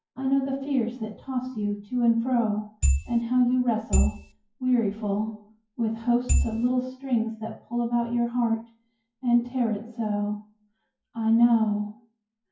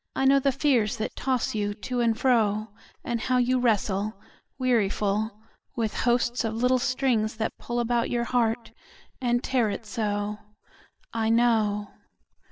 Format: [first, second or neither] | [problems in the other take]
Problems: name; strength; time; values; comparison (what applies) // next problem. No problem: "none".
second | noise reduction (classical method WPE with log-MMSE)